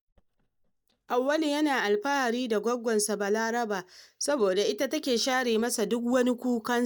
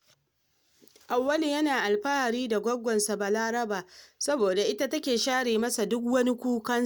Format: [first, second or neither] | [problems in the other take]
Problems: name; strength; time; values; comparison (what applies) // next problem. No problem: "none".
second | noise reduction (neural mask model DeepFilterNet 3)